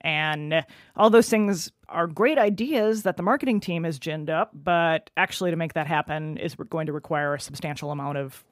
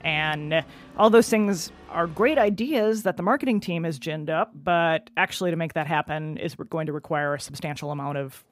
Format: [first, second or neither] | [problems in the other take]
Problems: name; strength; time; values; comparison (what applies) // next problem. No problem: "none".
first | background music; faint; until 5.5 s; 25 dB below the speech